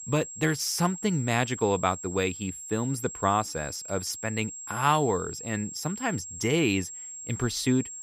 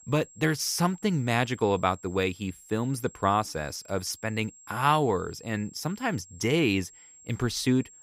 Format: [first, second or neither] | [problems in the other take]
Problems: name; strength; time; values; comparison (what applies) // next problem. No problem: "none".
second | high-pitched whine; loud; throughout; 7.5 kHz, 9 dB below the speech; faint in the second